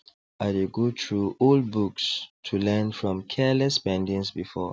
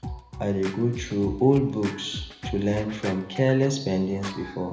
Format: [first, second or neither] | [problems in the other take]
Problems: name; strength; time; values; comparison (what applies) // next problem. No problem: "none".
first | background sound (Scratching (performance technique)); 13 dB below the speech // room echo; dies away in 0.7 s